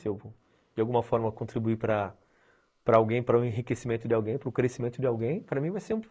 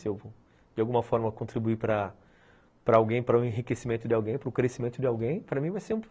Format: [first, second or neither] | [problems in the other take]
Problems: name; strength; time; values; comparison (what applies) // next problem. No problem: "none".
second | noise reduction (neural mask model Resemble Enhance denoiser)